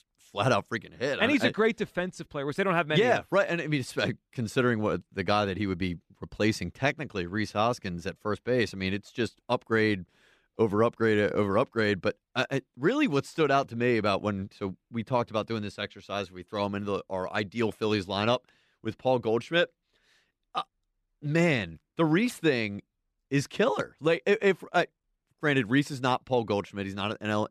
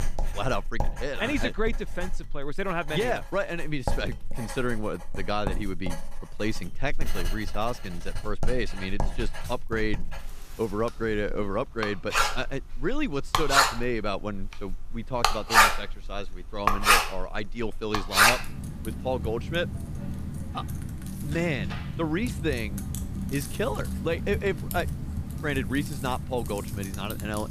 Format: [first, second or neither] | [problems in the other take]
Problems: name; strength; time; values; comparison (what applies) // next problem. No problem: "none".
first | household noises; very loud; throughout; 2 dB above the speech